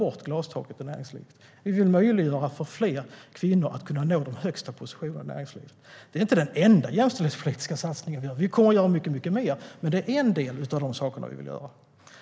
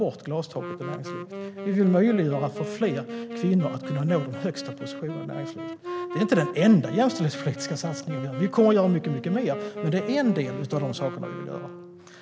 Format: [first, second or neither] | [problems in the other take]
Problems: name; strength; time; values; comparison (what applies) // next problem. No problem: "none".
first | background sound (Wind instrument, woodwind instrument); 9 dB below the speech